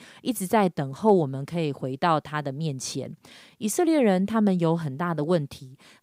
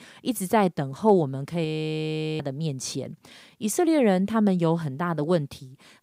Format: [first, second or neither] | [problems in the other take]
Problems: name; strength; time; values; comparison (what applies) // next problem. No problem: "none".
first | audio freezing; at 1.5 s for 0.5 s